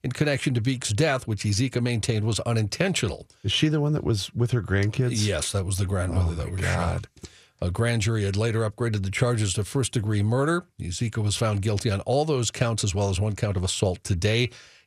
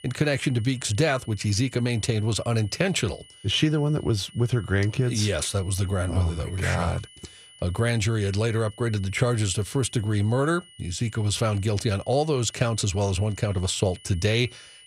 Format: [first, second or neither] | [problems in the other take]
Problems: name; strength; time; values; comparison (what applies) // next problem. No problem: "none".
first | high-pitched whine; faint; throughout; 3 kHz, 25 dB below the speech